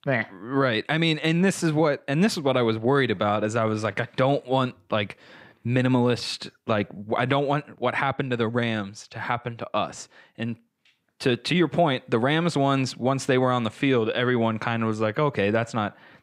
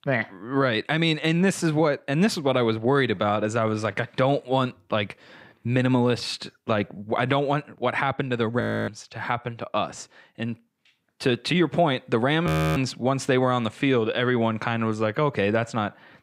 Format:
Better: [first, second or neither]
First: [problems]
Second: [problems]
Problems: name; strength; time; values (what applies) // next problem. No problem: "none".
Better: first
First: none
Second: audio freezing; at 8.5 s and at 12 s